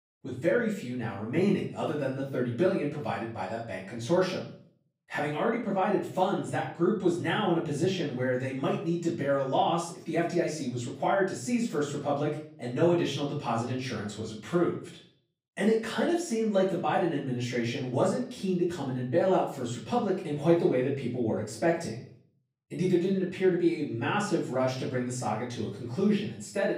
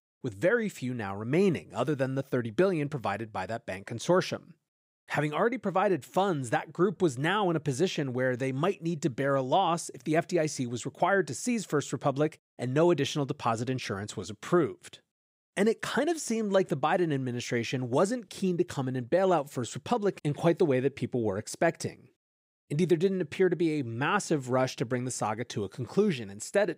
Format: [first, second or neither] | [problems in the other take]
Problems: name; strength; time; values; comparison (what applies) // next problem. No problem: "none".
second | off-mic speech; far // room echo; noticeable; dies away in 0.5 s